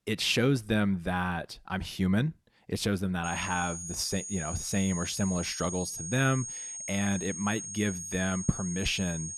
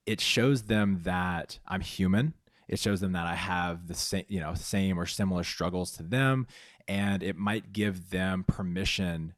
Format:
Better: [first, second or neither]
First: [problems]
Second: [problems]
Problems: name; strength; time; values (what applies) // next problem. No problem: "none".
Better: second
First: high-pitched whine; loud; from 3 s on; 6.5 kHz, 6 dB below the speech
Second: none